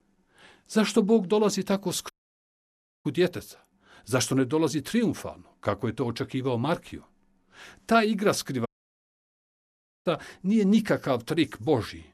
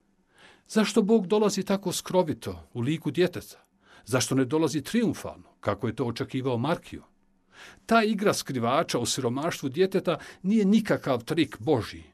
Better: second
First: audio cutting out; at 2 s for 1 s and at 8.5 s for 1.5 s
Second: none

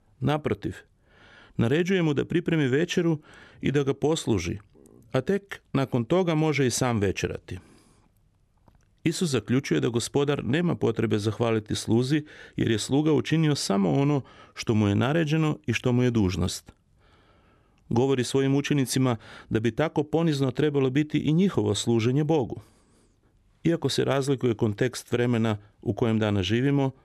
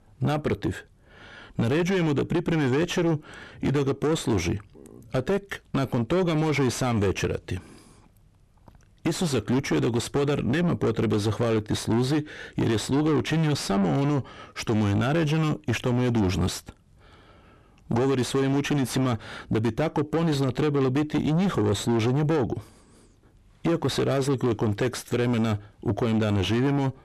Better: first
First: none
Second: distortion; heavy; 7 dB below the speech

